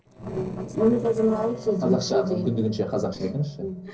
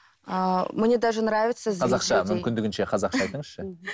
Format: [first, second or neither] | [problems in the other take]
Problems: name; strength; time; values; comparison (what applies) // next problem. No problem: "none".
second | noise reduction (neural separator model SepFormer DNS4)